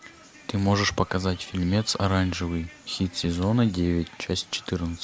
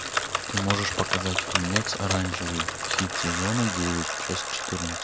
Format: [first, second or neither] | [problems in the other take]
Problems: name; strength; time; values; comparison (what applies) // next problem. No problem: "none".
first | background sound (Bicycle); 1 dB above the speech